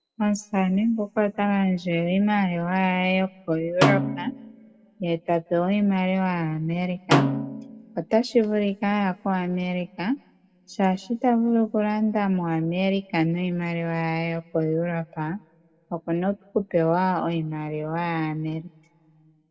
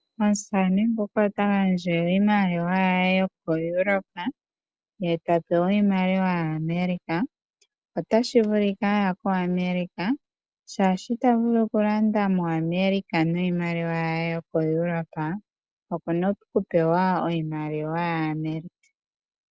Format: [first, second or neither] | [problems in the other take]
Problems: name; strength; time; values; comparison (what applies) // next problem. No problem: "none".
second | background sound (Snare drum); 4 dB below the speech // room echo; dies away in 0.8 s